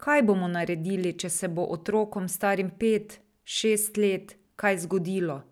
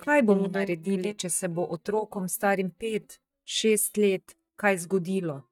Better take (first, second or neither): first